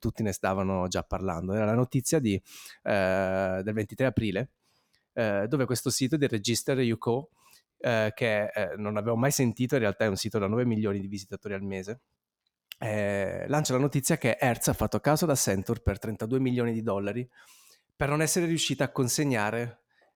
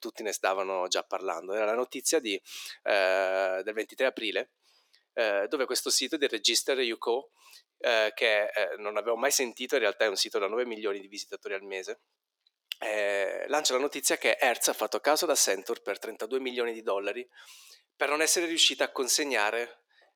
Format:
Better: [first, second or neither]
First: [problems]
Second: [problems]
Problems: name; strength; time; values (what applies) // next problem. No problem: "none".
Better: first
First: none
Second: thin; very; fading below 350 Hz